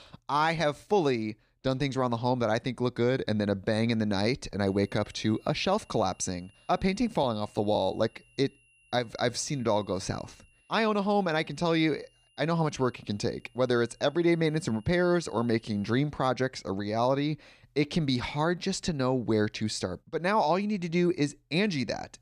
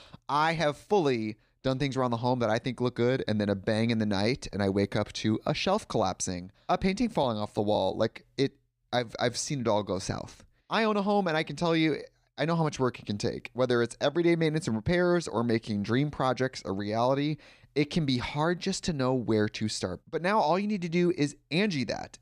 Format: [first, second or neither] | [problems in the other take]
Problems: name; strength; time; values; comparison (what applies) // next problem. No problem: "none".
second | high-pitched whine; faint; from 4.5 to 16 s; 3 kHz, 35 dB below the speech